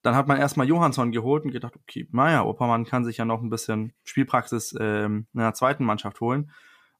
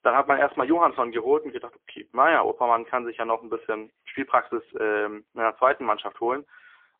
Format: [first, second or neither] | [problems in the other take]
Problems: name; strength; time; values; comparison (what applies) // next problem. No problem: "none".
first | phone-call audio; poor line; nothing above 3.5 kHz